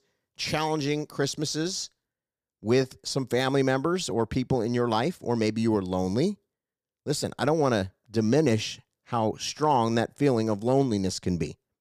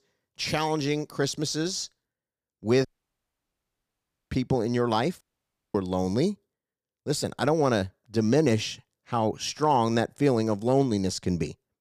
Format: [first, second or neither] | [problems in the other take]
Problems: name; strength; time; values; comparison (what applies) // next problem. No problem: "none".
first | audio cutting out; at 3 s for 1.5 s and at 5 s for 0.5 s